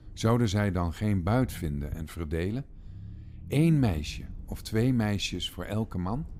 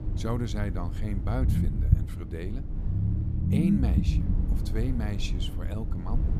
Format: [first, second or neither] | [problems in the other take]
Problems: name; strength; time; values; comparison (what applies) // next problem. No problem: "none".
first | low rumble; loud; throughout; 2 dB below the speech; faint in the first